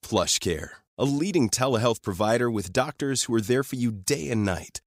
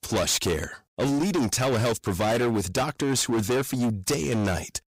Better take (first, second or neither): first